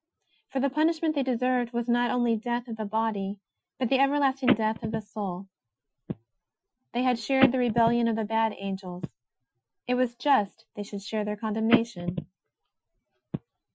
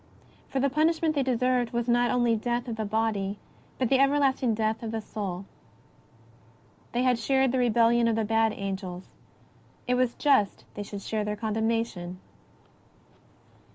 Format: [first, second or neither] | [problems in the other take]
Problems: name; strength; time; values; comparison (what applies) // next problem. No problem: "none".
second | noise reduction (classical method Wiener filter)